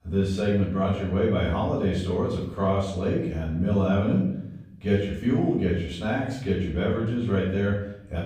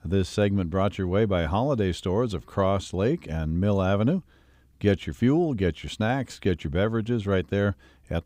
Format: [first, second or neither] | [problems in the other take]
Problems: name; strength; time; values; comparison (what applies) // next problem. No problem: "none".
second | off-mic speech; far // room echo; noticeable; dies away in 0.7 s